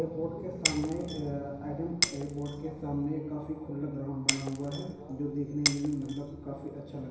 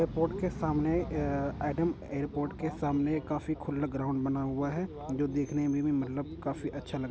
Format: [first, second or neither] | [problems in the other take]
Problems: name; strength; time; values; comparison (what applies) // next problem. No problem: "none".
second | background sound (Shatter); 1 dB below the speech // room echo; dies away in 1 s